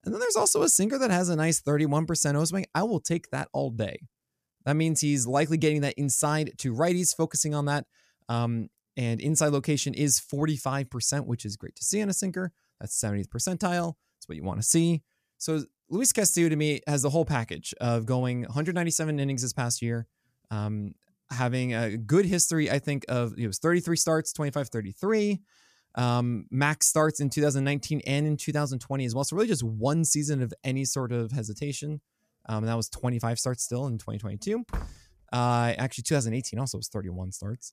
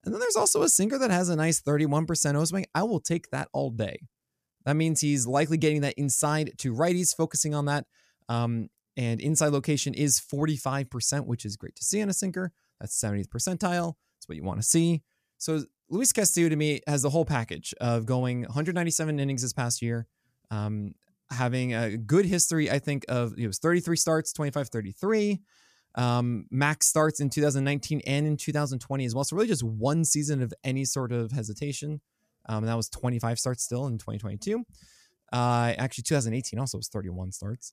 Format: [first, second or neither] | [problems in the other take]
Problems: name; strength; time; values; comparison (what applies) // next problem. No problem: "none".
second | door banging; faint; at 35 s; peak 10 dB below the speech